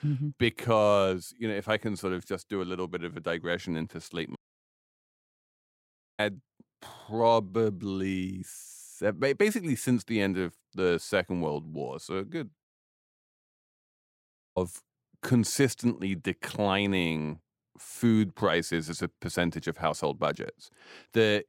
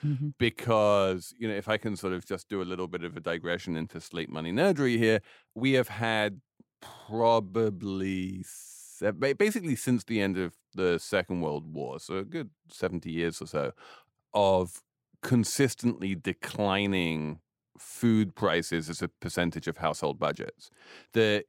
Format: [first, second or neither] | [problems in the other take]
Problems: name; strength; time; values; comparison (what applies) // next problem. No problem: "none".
second | audio cutting out; at 4.5 s for 2 s and at 13 s for 2 s